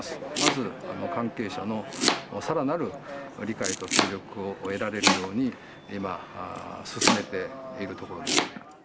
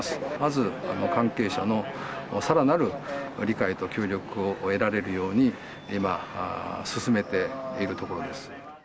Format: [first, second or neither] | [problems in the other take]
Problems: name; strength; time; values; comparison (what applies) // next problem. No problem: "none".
second | background sound (Domestic sounds, home sounds); 1 dB above the speech